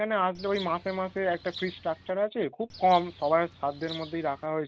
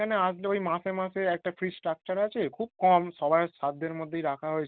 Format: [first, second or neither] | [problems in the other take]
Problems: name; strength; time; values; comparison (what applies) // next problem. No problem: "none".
second | background sound (Bird); 18 dB below the speech